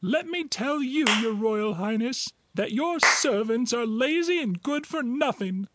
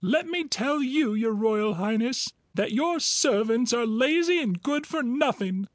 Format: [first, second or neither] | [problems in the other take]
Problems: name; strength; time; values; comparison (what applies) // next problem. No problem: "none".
second | background sound (Clapping / Chirp, tweet); 7 dB below the speech